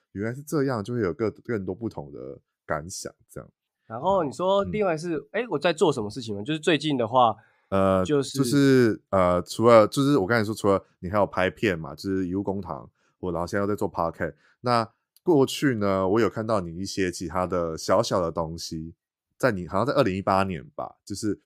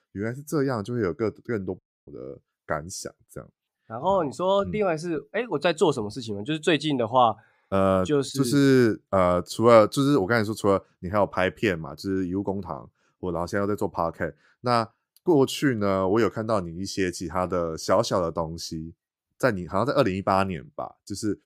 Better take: first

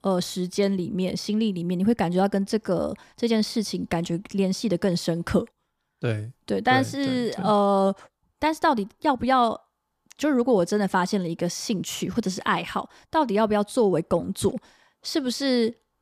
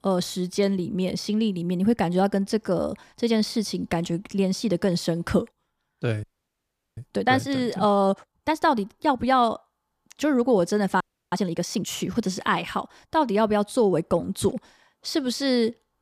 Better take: first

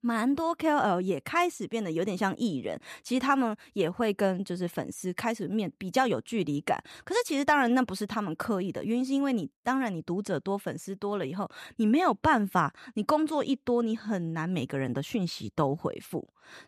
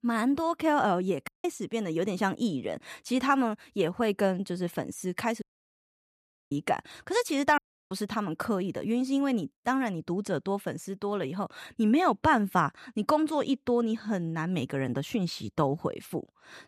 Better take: first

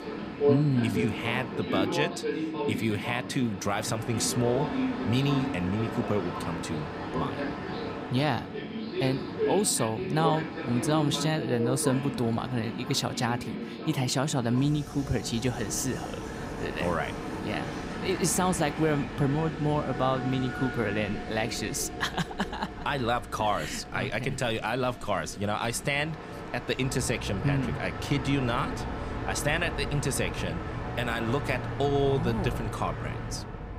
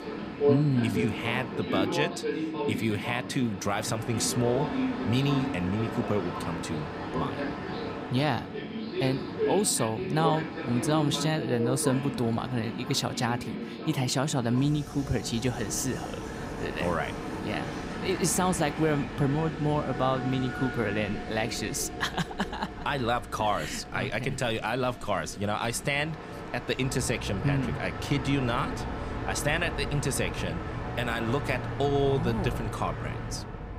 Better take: neither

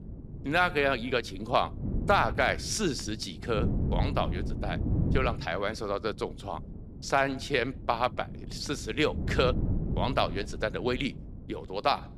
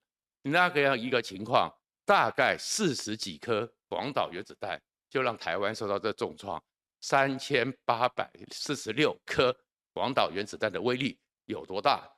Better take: second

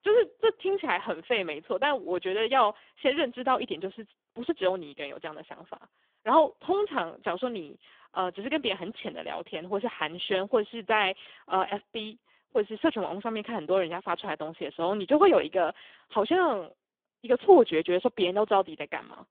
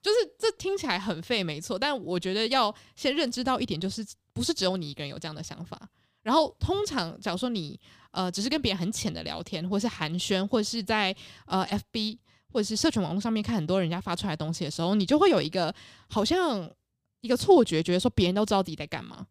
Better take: second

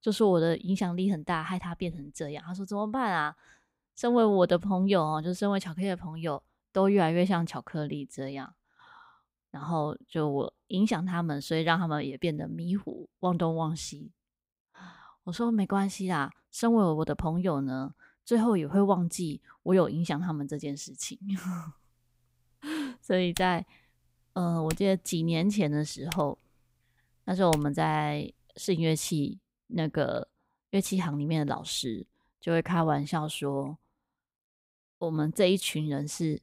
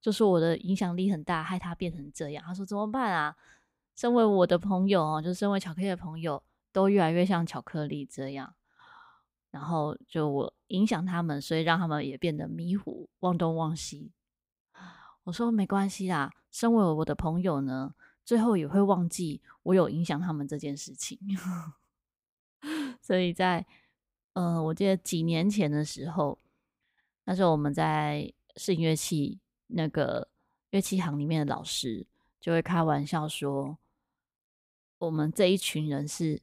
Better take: second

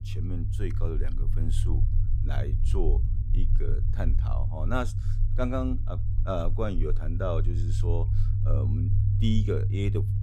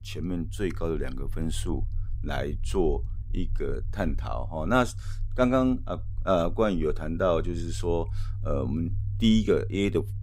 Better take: second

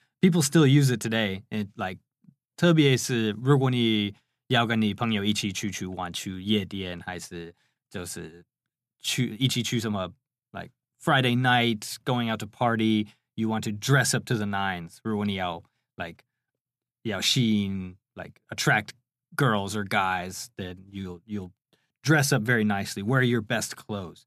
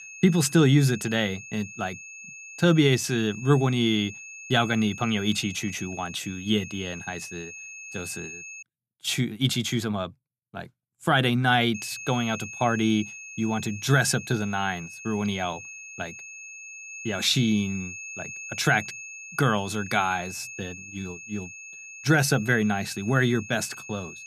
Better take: first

